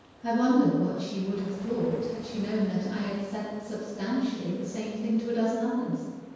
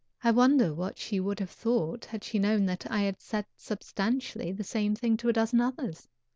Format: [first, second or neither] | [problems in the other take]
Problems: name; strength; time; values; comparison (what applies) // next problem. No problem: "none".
second | background sound (Ocean); 20 dB below the speech // room echo; dies away in 1.2 s